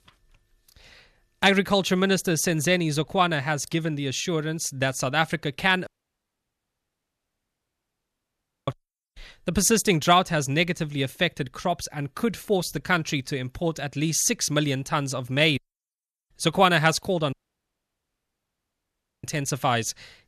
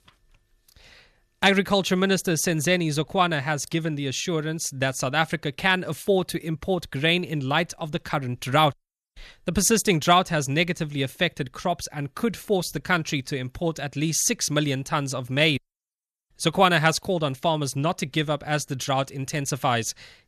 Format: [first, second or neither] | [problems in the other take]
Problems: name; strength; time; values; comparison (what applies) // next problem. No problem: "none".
second | audio cutting out; at 6 s for 3 s and at 17 s for 2 s